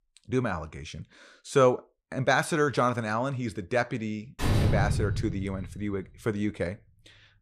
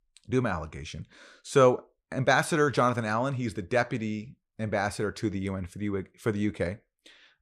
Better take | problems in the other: second | door banging; loud; from 4.5 to 5.5 s; peak 4 dB above the speech

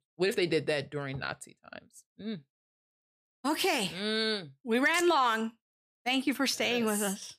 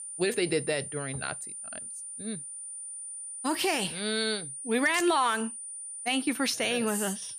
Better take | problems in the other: first | high-pitched whine; loud; throughout; 9 kHz, 8 dB below the speech

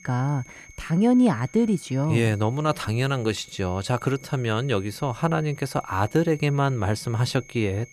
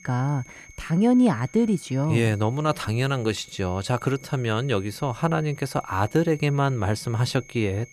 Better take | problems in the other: neither | high-pitched whine; faint; throughout; 2 kHz, 25 dB below the speech; the same in both

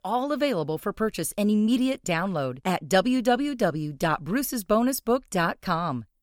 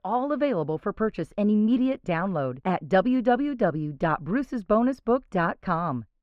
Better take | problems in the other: first | muffled; very; fading above 2 kHz

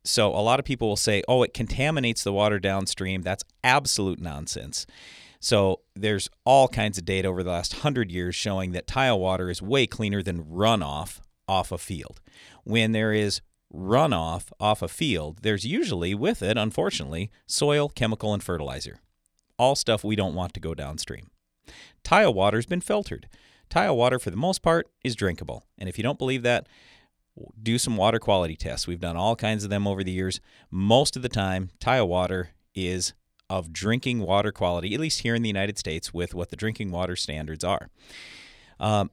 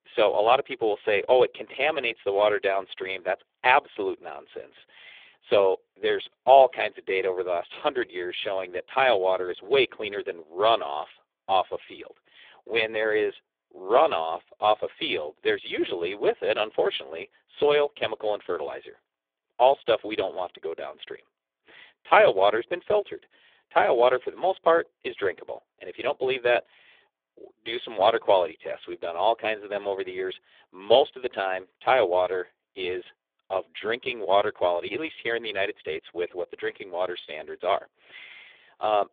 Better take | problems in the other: first | phone-call audio; poor line; nothing above 3.5 kHz

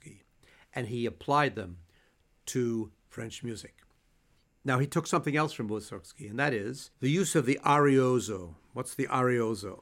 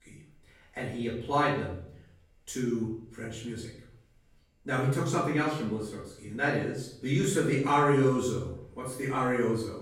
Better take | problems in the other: first | off-mic speech; far // room echo; noticeable; dies away in 0.6 s

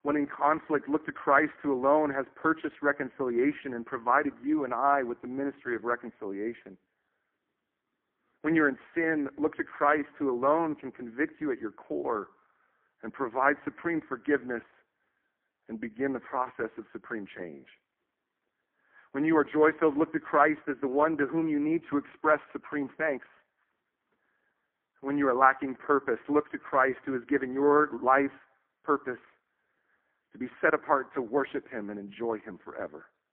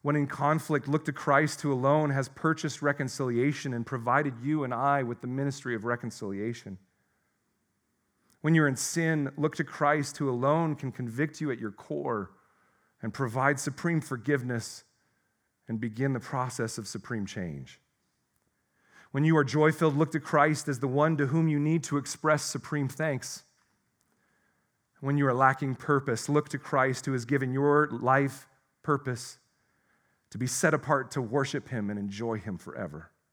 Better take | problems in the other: second | phone-call audio; poor line

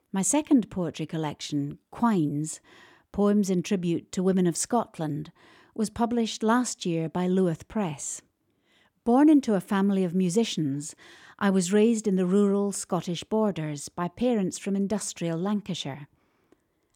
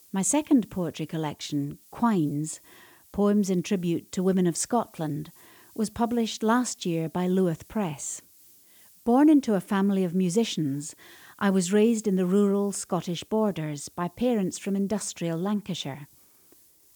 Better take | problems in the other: first | hiss; faint; throughout; 25 dB below the speech

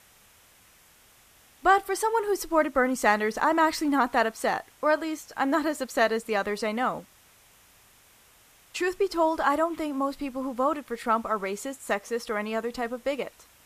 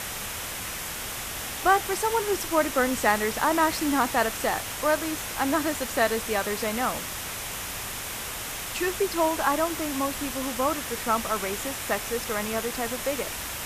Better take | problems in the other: first | hiss; loud; throughout; 5 dB below the speech; faint in the first

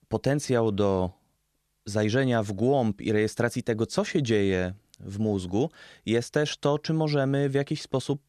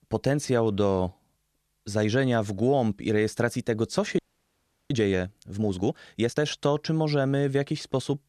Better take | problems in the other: first | audio freezing; at 4 s for 0.5 s

